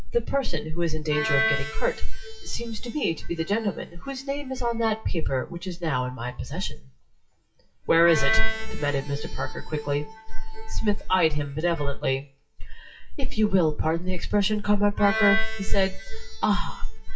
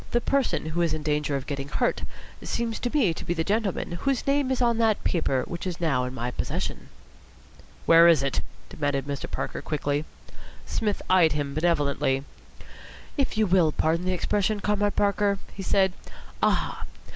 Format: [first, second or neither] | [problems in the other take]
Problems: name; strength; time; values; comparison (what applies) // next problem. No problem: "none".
second | noise reduction (classical method WPE with log-MMSE)